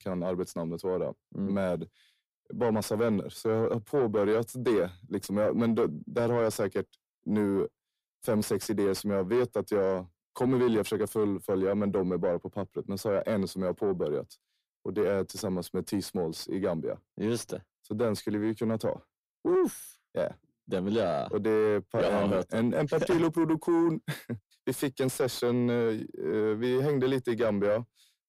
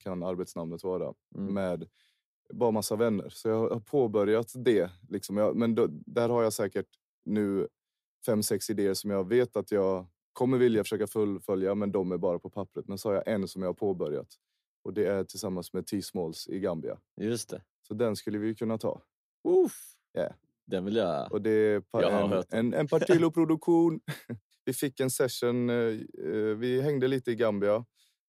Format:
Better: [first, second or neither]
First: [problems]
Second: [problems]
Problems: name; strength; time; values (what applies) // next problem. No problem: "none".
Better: second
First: distortion; slight; 10 dB below the speech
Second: none